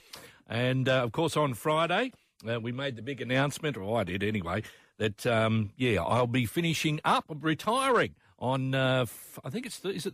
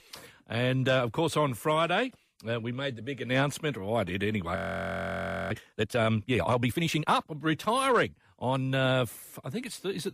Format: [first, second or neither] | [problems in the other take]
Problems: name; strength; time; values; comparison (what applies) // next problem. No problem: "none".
first | audio freezing; at 4.5 s for 1 s